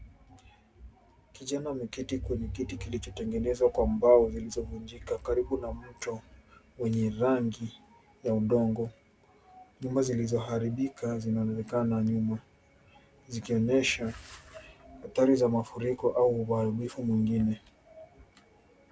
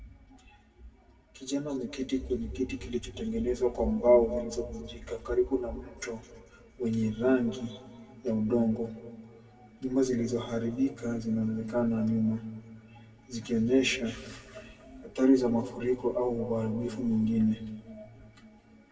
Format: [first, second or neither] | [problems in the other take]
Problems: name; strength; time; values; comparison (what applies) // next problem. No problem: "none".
first | room echo; dies away in 1.5 s